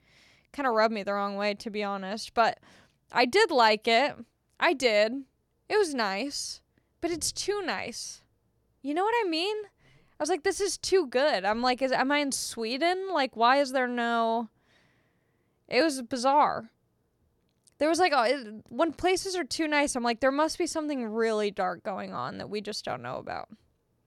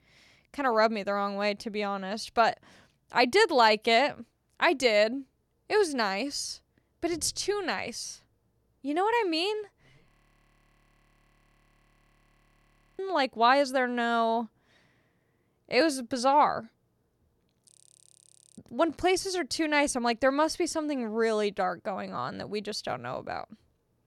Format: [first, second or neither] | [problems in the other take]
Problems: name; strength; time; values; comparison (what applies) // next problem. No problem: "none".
first | audio freezing; at 10 s for 3 s and at 18 s for 1 s